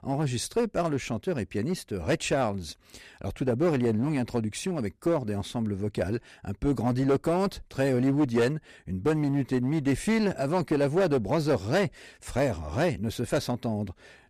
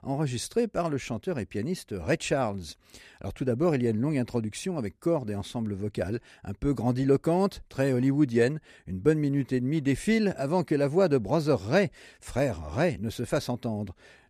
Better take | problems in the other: second | distortion; slight; 8% of the sound clipped

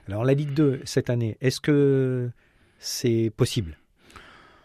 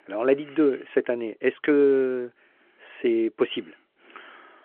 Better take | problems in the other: first | phone-call audio

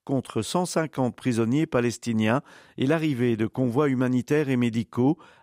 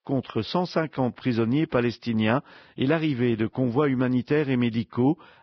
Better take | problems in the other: first | garbled, watery; badly; nothing above 5.5 kHz

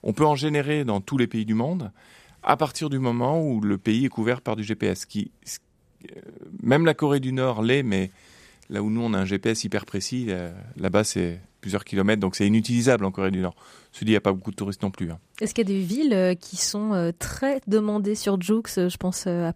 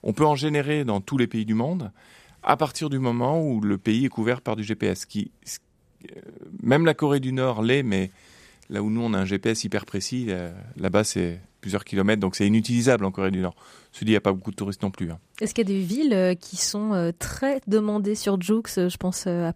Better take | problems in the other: neither | none

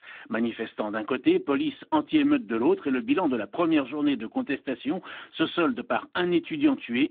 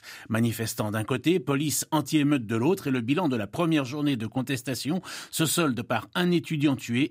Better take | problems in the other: second | phone-call audio

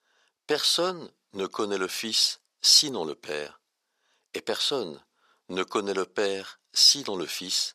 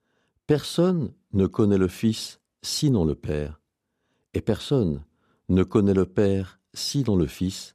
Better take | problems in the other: second | thin; very; fading below 750 Hz

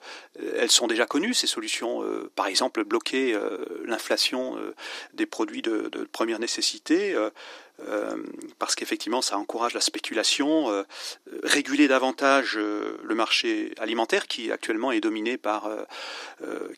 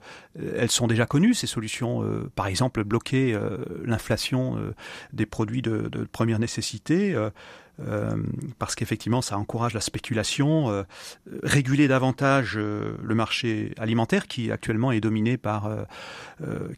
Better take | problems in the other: second | thin; somewhat; fading below 300 Hz

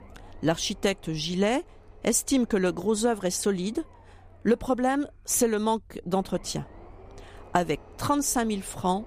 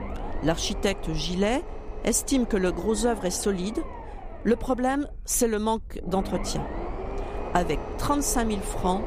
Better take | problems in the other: first | low rumble; loud; throughout; 10 dB below the speech; faint in the first

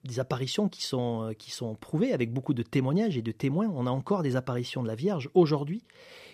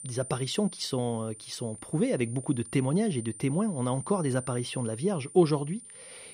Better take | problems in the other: first | high-pitched whine; noticeable; throughout; 9 kHz, 15 dB below the speech

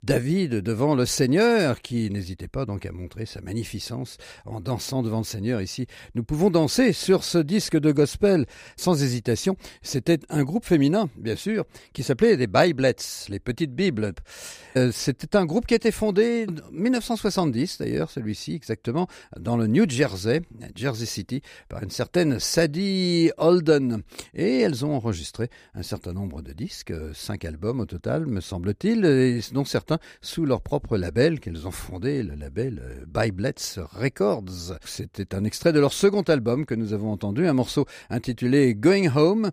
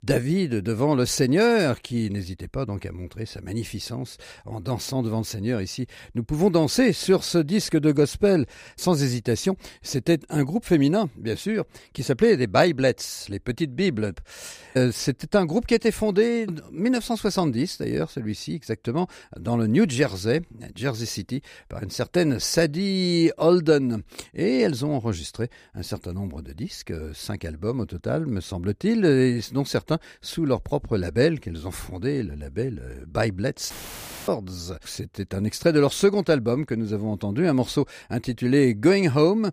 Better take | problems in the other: first | audio cutting out; filled with static; at 34 s for 0.5 s

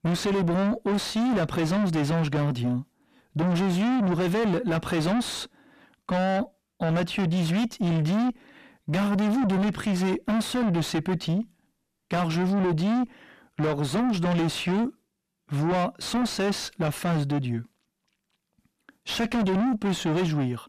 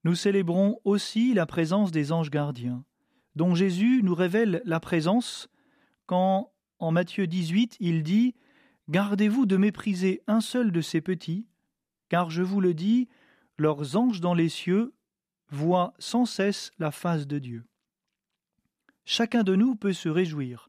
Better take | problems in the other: second | distortion; heavy; 6 dB below the speech

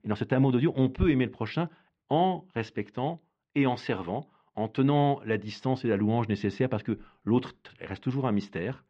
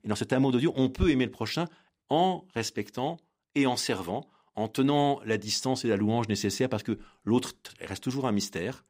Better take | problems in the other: second | muffled; very; fading above 3 kHz

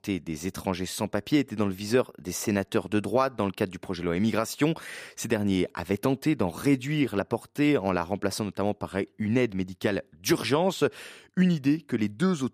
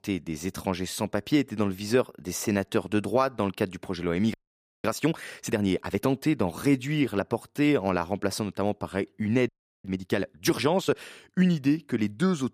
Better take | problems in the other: first | audio freezing; at 4.5 s for 0.5 s and at 9.5 s

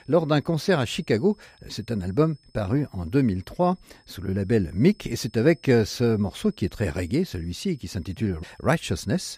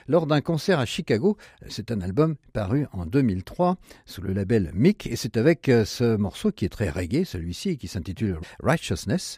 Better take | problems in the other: second | high-pitched whine; faint; throughout; 5 kHz, 35 dB below the speech

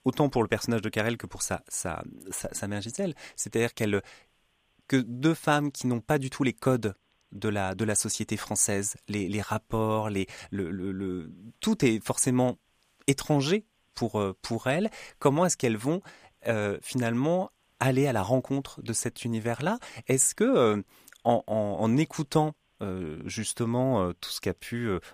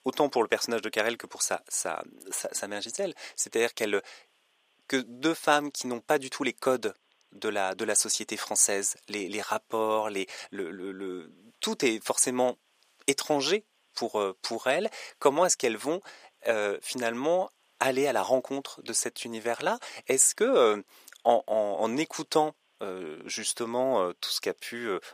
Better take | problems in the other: first | thin; somewhat; fading below 450 Hz

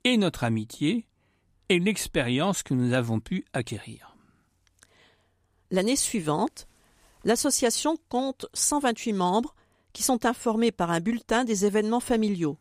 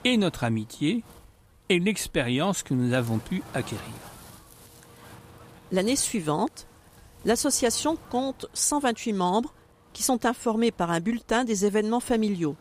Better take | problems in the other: first | wind noise on the microphone; occasional gusts; 25 dB below the speech

